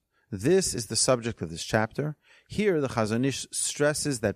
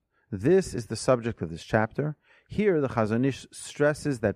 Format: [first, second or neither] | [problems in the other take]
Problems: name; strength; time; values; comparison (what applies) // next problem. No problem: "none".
first | muffled; slightly; fading above 3 kHz